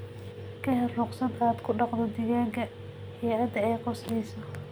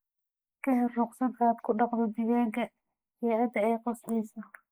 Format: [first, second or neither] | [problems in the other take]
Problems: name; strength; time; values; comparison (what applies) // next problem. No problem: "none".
first | noise reduction (neural mask model Resemble Enhance denoiser)